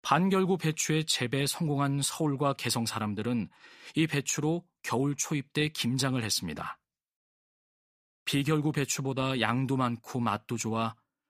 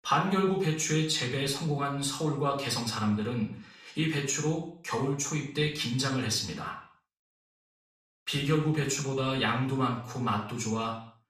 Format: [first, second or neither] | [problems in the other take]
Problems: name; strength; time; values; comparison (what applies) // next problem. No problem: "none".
first | room echo; noticeable; dies away in 0.5 s // off-mic speech; far